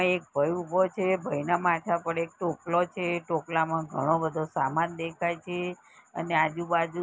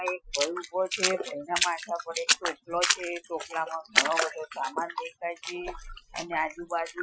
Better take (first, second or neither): first